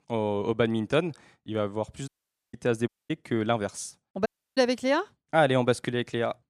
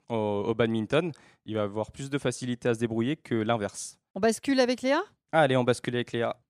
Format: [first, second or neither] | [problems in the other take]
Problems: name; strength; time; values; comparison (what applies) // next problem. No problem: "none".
second | audio cutting out; at 2 s, at 3 s and at 4.5 s